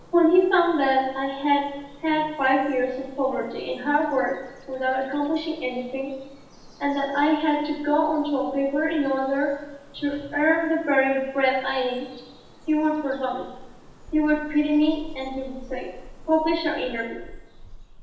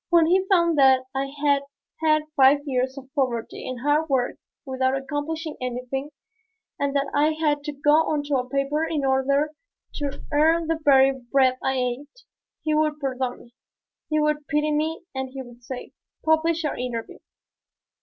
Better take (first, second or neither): second